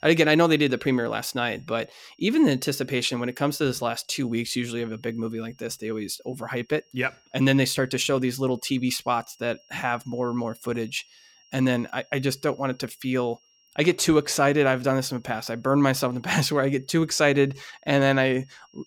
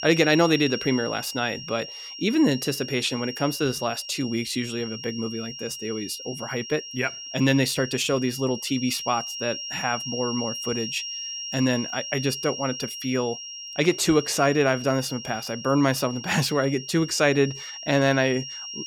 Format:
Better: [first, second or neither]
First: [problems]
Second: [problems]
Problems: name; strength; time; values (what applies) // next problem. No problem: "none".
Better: first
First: high-pitched whine; faint; throughout; 5.5 kHz, 35 dB below the speech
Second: high-pitched whine; loud; throughout; 5.5 kHz, 8 dB below the speech